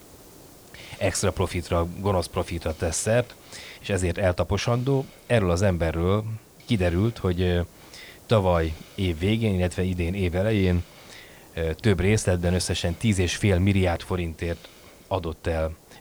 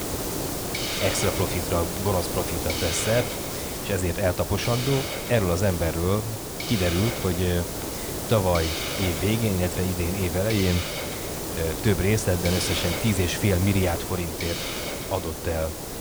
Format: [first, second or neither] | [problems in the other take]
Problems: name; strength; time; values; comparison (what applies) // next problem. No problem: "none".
first | hiss; loud; throughout; 3 dB below the speech; faint in the first